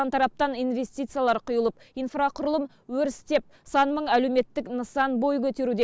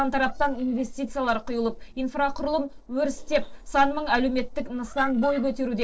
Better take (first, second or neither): first